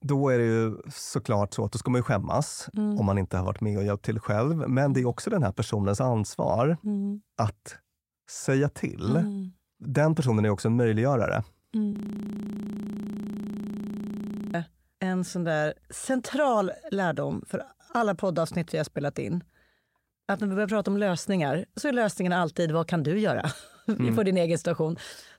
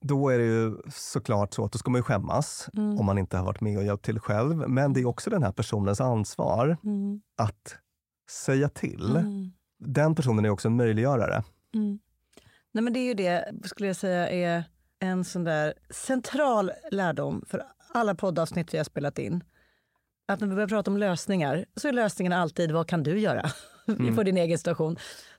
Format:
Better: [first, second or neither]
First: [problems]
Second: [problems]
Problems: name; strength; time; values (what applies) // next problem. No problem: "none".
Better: second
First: audio freezing; at 12 s for 2.5 s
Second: none